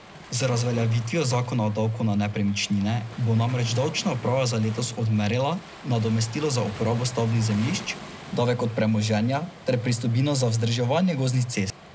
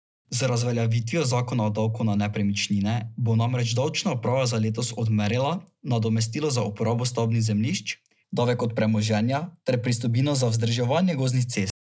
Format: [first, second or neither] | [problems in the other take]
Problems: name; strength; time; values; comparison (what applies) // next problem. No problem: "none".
second | background sound (Waves, surf); 17 dB below the speech